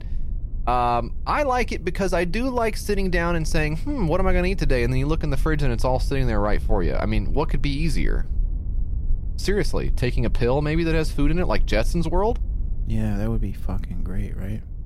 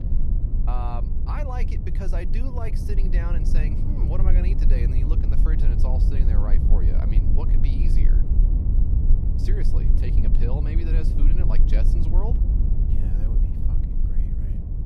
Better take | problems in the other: first | low rumble; loud; throughout; 2 dB below the speech; faint in the first

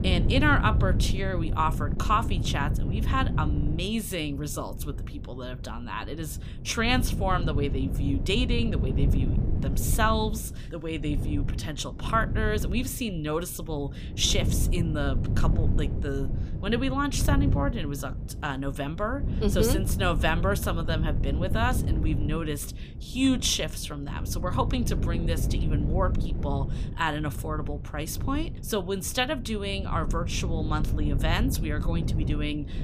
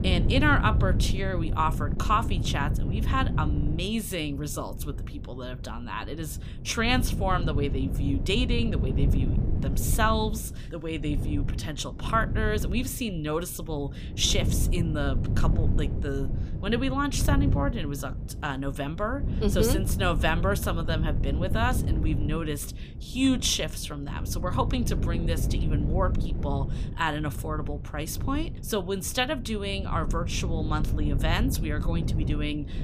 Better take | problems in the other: neither | wind noise on the microphone; occasional gusts; 10 dB below the speech; the same in both

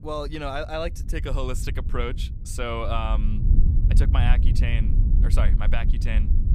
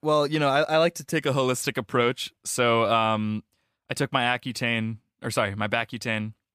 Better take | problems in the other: second | low rumble; loud; throughout; 10 dB below the speech

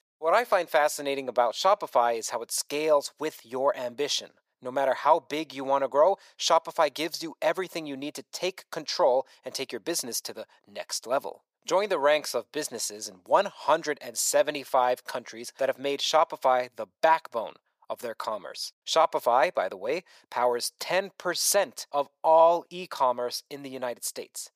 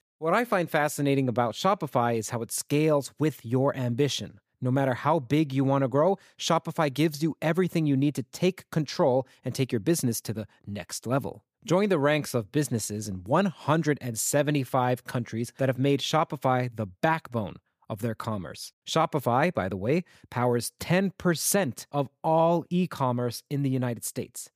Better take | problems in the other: second | thin; very; fading below 550 Hz

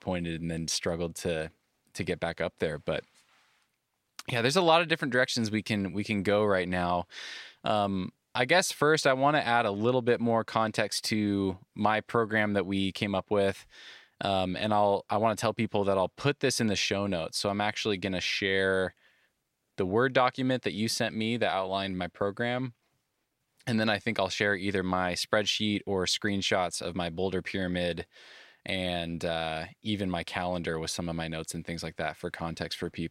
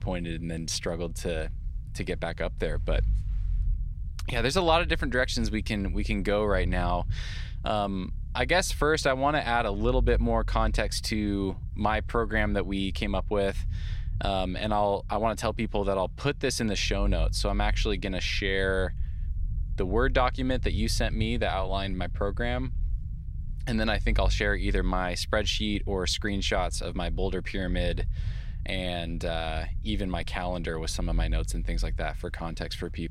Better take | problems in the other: first | low rumble; faint; throughout; 25 dB below the speech

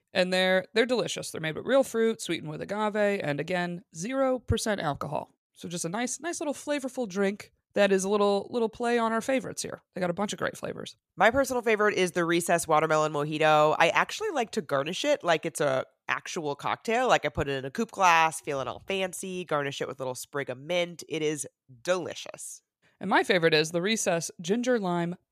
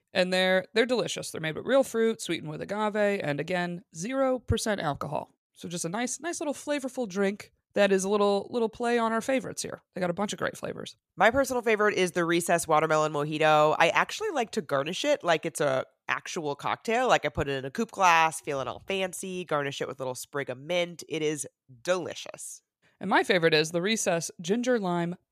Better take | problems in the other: neither | none

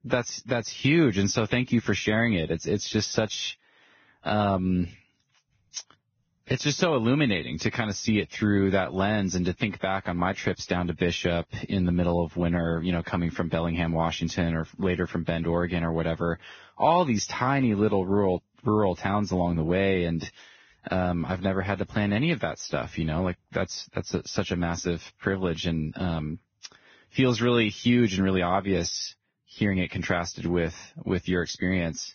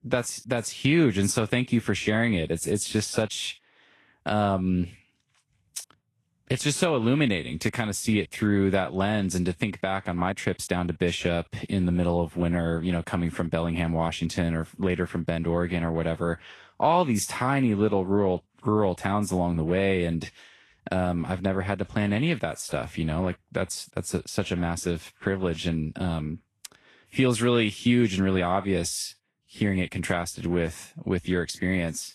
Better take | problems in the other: second | garbled, watery; badly; nothing above 6.5 kHz; slightly in the second

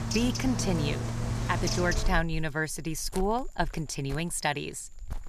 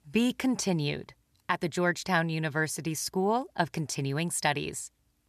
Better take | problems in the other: second | animal sounds; loud; throughout; 3 dB below the speech

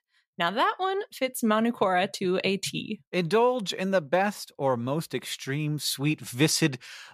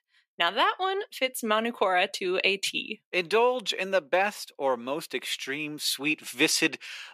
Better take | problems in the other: first | thin; somewhat; fading below 300 Hz

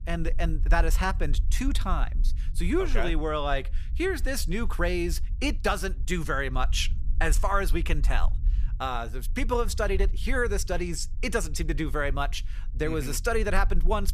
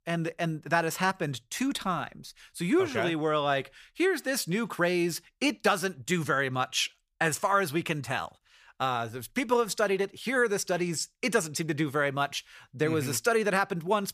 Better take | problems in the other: second | low rumble; faint; throughout; 25 dB below the speech

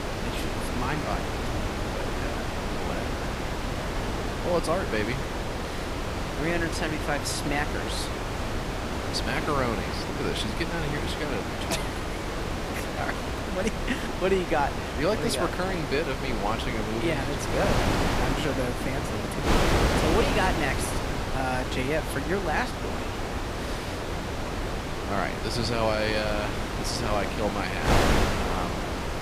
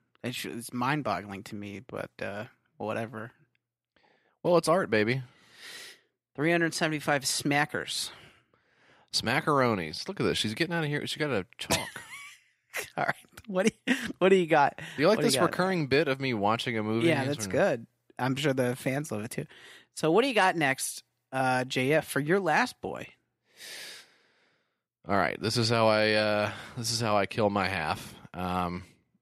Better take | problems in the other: second | wind noise on the microphone; heavy; as loud as the speech

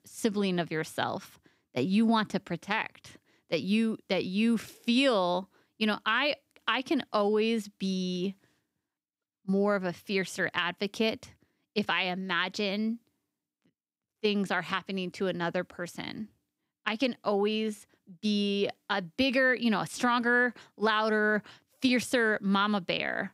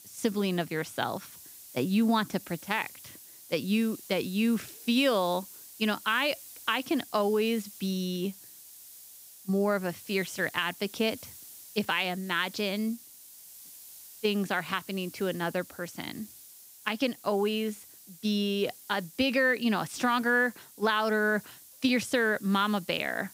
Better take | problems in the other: first | hiss; noticeable; throughout; 15 dB below the speech

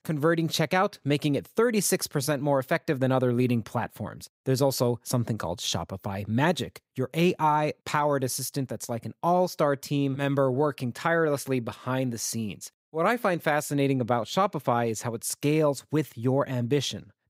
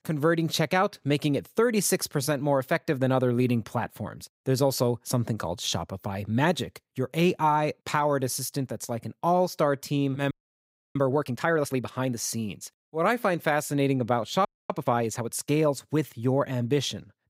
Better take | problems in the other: first | audio freezing; at 10 s for 0.5 s and at 14 s

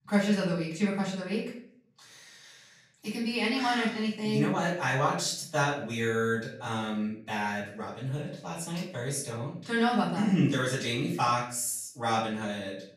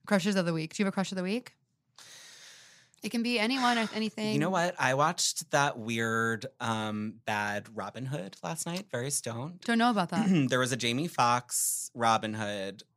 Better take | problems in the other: second | off-mic speech; far // room echo; noticeable; dies away in 0.5 s

